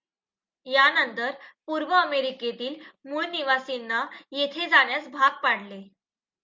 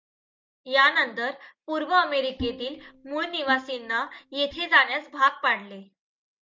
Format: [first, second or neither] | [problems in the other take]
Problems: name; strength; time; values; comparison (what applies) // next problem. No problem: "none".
first | noise reduction (neural mask model DeepFilterNet 3)